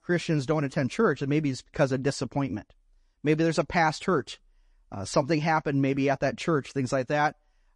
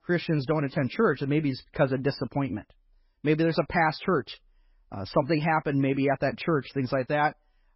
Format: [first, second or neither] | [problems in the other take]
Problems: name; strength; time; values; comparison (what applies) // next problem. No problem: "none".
first | garbled, watery; badly; nothing above 5.5 kHz; slightly in the first